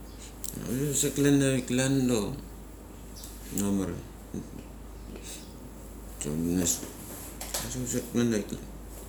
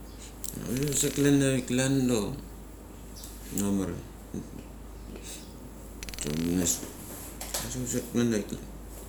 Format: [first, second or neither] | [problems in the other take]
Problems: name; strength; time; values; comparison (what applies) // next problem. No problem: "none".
first | background sound (Glass); 16 dB below the speech